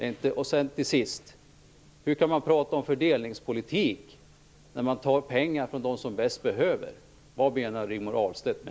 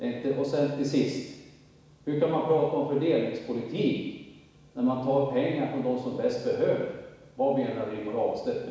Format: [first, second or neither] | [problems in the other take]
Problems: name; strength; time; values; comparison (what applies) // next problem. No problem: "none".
first | room echo; dies away in 1.1 s